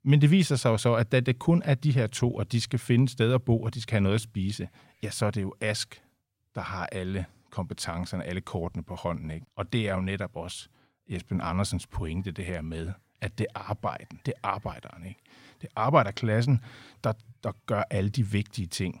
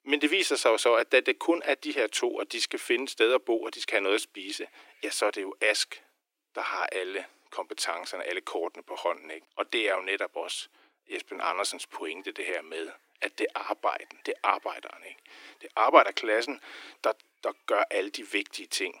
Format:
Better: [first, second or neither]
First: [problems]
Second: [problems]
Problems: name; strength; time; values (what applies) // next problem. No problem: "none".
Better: first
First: none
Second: thin; very; fading below 300 Hz